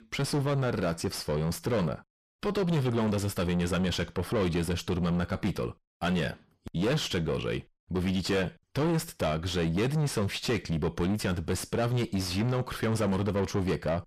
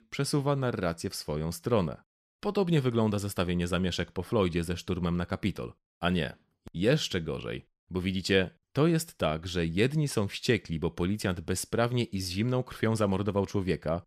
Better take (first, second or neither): second